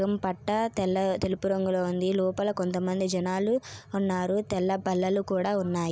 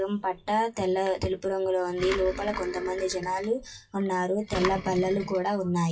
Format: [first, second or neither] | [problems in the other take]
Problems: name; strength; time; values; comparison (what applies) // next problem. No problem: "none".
first | noise reduction (classical method WPE with log-MMSE)